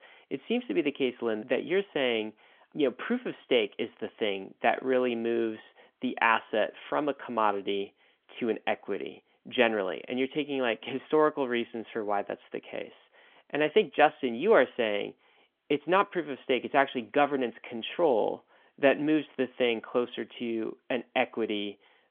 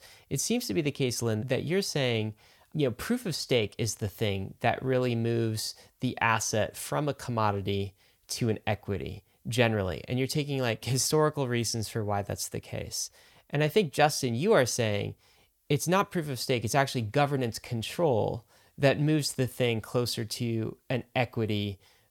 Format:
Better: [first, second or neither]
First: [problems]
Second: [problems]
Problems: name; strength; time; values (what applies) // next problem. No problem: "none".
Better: second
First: phone-call audio; nothing above 3.5 kHz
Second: none